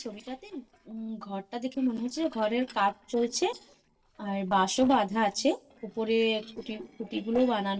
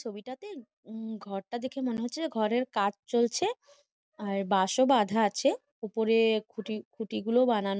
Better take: second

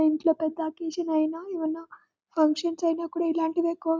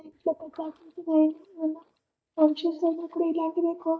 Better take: first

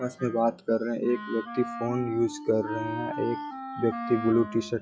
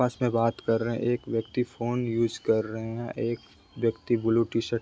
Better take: second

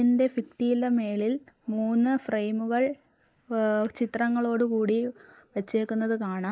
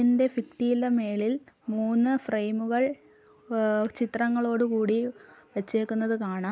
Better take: second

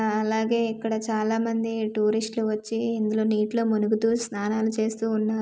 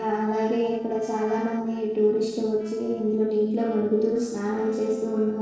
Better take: first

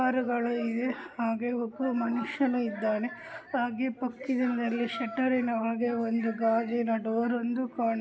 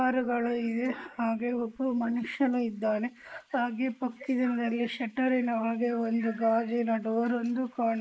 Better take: first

